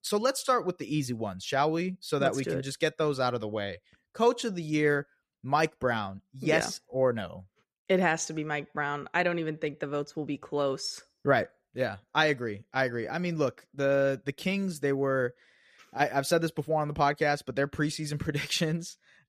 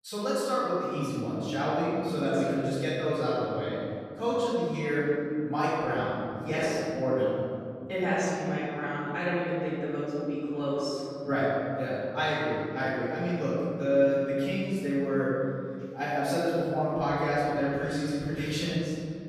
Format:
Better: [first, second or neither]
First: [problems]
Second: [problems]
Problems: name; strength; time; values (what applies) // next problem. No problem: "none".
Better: first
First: none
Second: off-mic speech; far // room echo; strong; dies away in 2.9 s